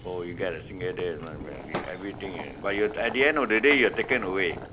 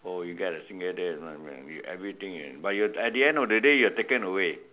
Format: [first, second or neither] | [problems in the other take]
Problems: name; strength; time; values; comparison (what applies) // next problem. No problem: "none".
second | background sound (Boiling + Shatter); 12 dB below the speech